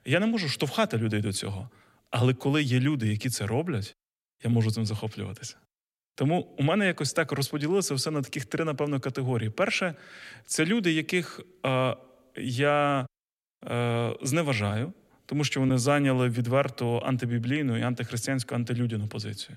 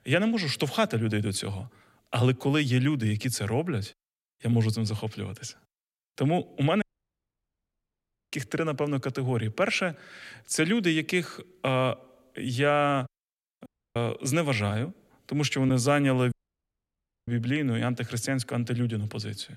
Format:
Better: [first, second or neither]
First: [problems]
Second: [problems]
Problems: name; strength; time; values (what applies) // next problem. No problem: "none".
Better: first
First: none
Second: audio cutting out; at 7 s for 1.5 s, at 14 s and at 16 s for 1 s